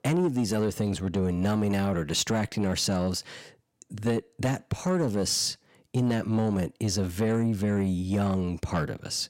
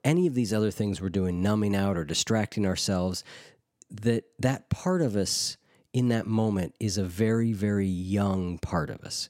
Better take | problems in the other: second | distortion; slight; 10 dB below the speech

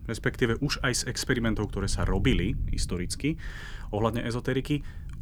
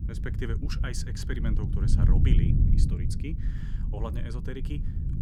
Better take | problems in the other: first | low rumble; loud; throughout; 1 dB below the speech; faint in the first

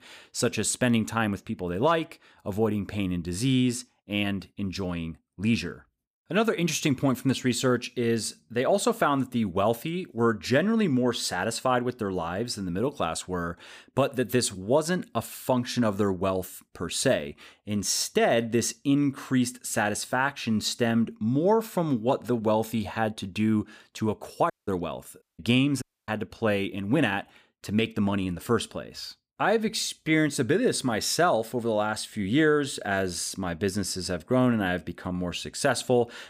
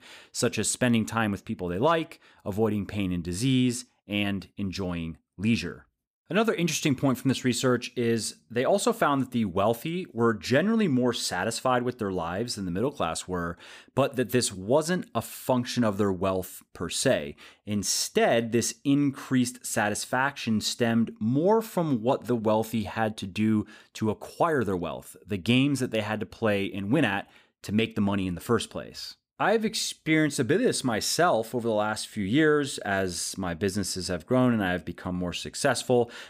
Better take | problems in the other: second | audio cutting out; at 25 s and at 26 s

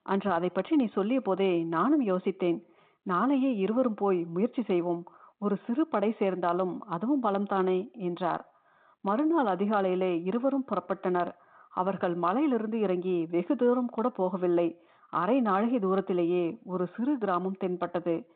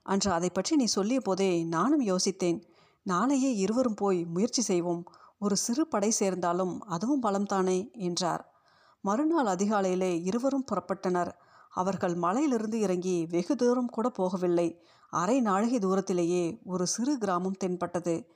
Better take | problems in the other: second | phone-call audio; nothing above 4 kHz

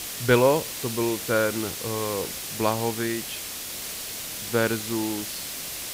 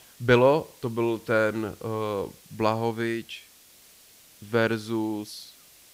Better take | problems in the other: second | hiss; loud; throughout; 5 dB below the speech; faint in the second

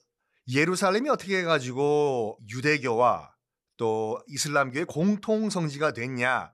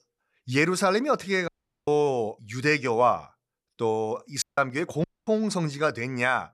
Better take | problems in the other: first | audio cutting out; at 1.5 s, at 4.5 s and at 5 s

